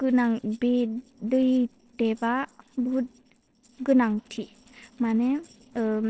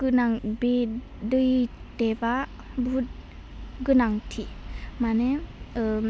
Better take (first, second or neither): second